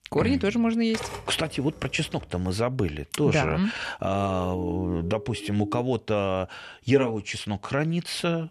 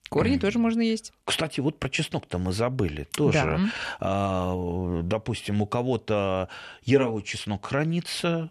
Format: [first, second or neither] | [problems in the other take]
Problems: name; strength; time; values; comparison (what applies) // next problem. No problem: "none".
second | keyboard typing; noticeable; from 0.5 to 2.5 s; peak 8 dB below the speech // siren; noticeable; from 4 to 6 s; peak 8 dB below the speech